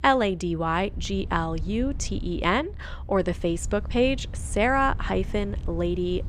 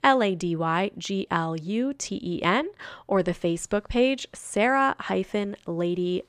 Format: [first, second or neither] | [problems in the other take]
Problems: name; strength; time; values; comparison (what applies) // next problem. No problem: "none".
second | low rumble; faint; throughout; 25 dB below the speech